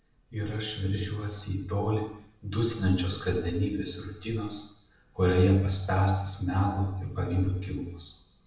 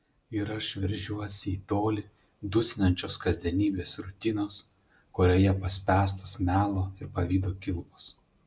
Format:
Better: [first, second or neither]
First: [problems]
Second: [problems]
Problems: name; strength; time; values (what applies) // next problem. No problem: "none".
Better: second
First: room echo; dies away in 0.7 s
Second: none